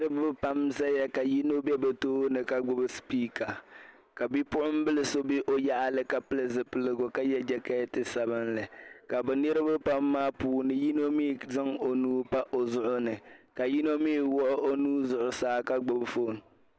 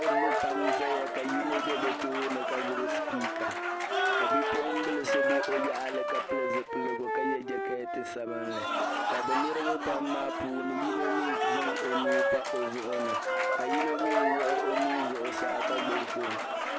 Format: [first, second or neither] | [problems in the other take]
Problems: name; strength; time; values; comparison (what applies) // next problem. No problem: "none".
first | background sound (Applause / Cheering + Wind instrument, woodwind instrument); 5 dB above the speech